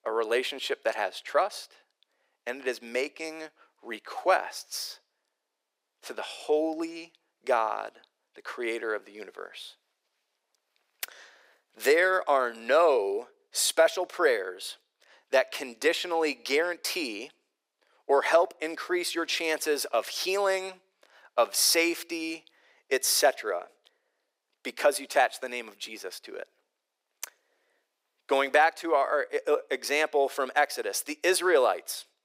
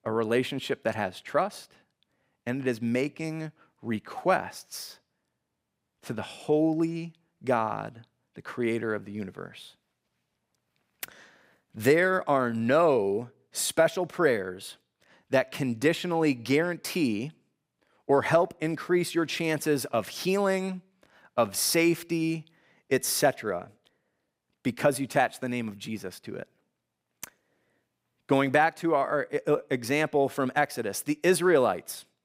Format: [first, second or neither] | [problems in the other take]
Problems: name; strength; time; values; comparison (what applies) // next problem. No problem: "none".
second | thin; very; fading below 400 Hz